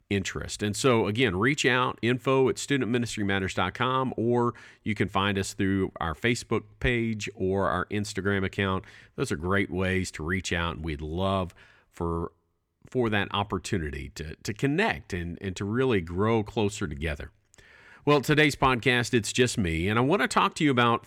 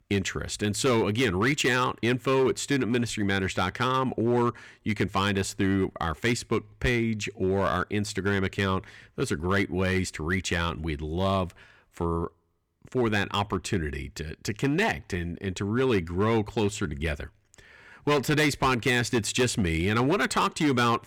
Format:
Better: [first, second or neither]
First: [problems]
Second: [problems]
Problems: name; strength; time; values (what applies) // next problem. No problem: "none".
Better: first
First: none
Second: distortion; slight; 6% of the sound clipped